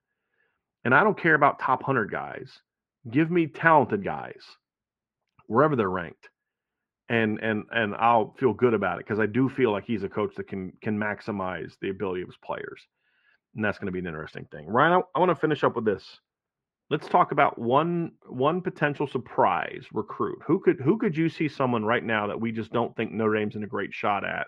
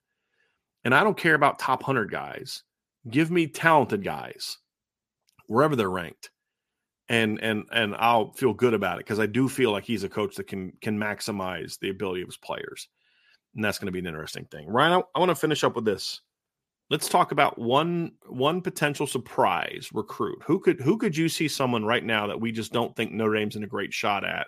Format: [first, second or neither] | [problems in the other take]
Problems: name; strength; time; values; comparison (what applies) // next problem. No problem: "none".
second | muffled; very; fading above 1.5 kHz